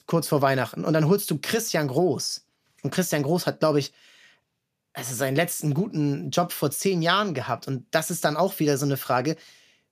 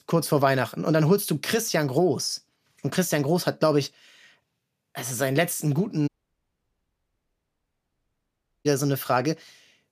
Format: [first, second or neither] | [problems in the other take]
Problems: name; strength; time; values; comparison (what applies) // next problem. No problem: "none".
first | audio cutting out; at 6 s for 2.5 s